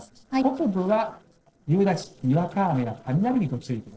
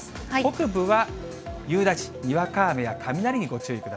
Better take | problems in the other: second | noise reduction (neural separator model SepFormer DNS4)

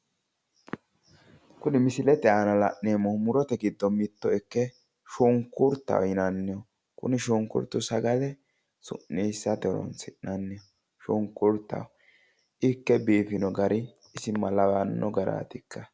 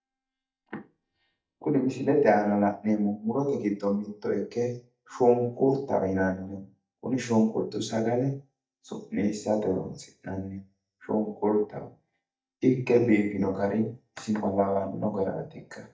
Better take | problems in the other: first | noise reduction (neural mask model DeepFilterNet 3)

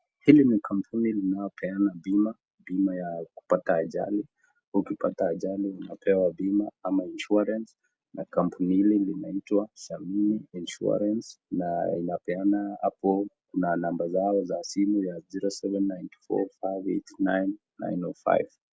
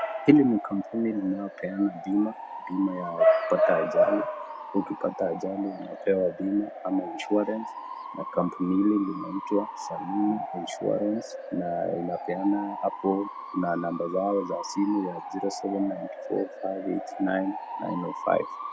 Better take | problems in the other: first | background sound (Bark / Motor vehicle (road) / Siren); 5 dB below the speech

